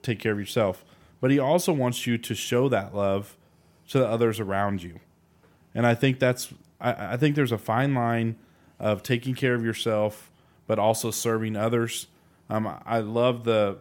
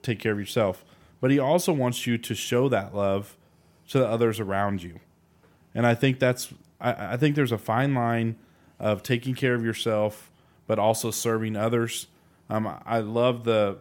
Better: neither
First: none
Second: none

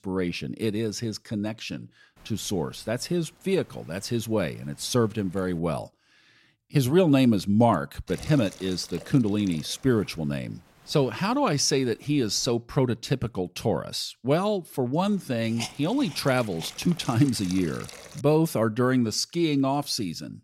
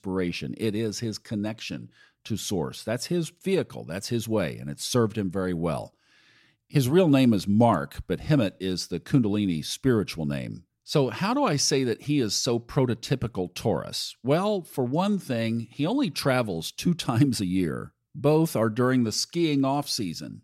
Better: second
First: hiss; noticeable; from 2 to 5.5 s, from 8 to 12 s and from 15 to 18 s; 15 dB below the speech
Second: none

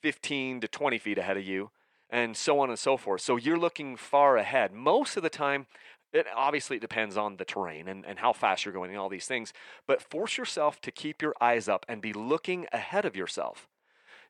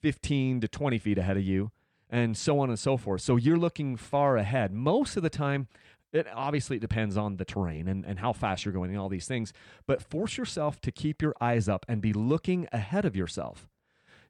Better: second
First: thin; somewhat; fading below 450 Hz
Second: none

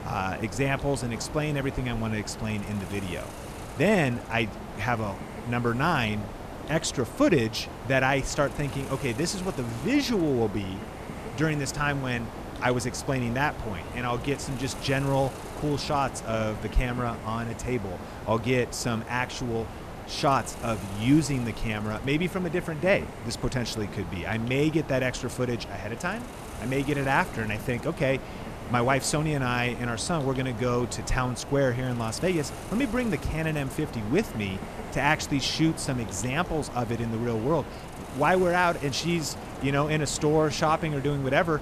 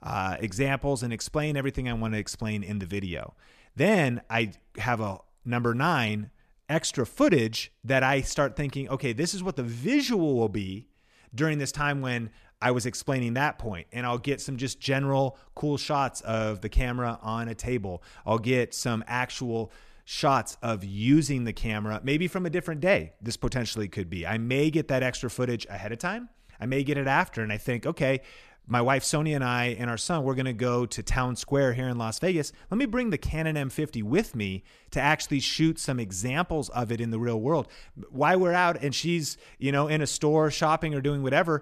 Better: second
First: hiss; noticeable; throughout; 10 dB below the speech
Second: none

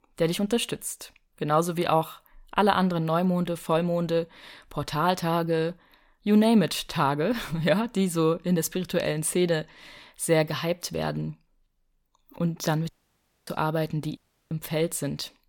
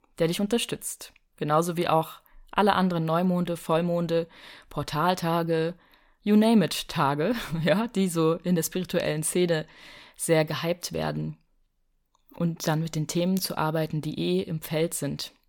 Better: second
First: audio cutting out; at 13 s for 0.5 s and at 14 s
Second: none

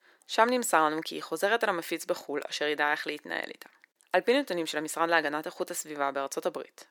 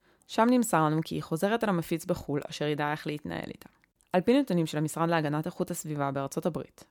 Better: second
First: thin; somewhat; fading below 350 Hz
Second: none

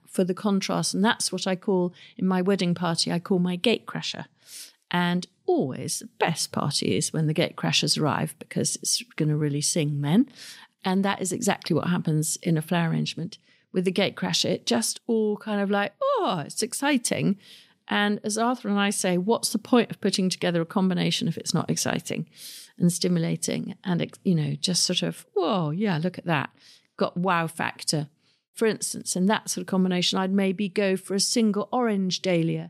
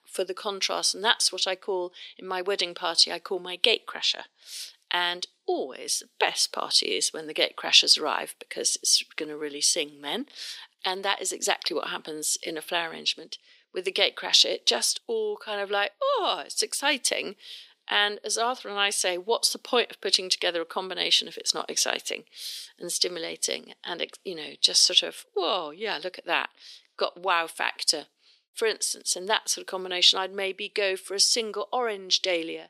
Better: first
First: none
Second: thin; very; fading below 400 Hz

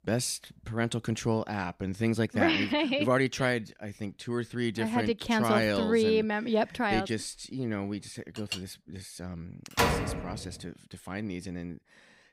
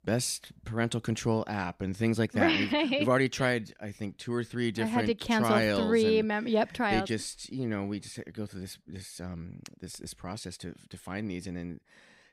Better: second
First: clattering dishes; noticeable; at 8.5 s; peak 8 dB below the speech // door banging; loud; at 10 s; peak 3 dB above the speech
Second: none

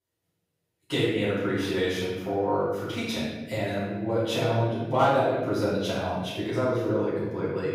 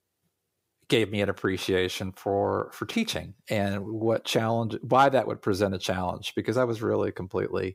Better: second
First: room echo; strong; dies away in 1.2 s // off-mic speech; far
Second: none

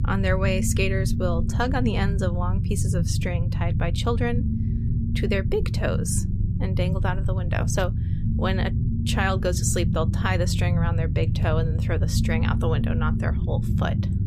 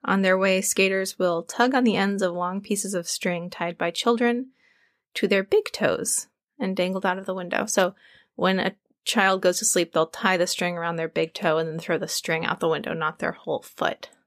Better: second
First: low rumble; loud; throughout; 8 dB below the speech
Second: none

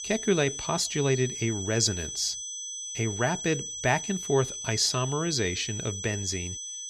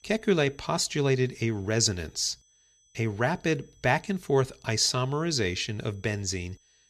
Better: second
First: high-pitched whine; loud; throughout; 6 kHz, 6 dB below the speech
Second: high-pitched whine; faint; throughout; 6 kHz, 35 dB below the speech

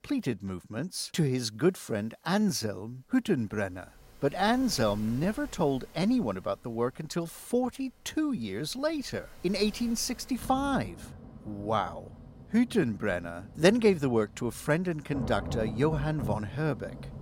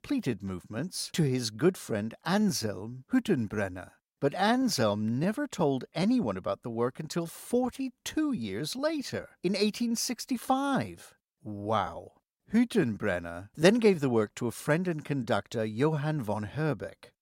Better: second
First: rain or running water; noticeable; throughout; 15 dB below the speech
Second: none

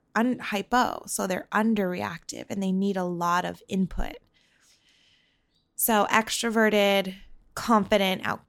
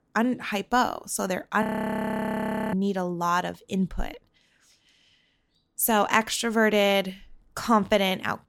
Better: first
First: none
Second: audio freezing; at 1.5 s for 1 s

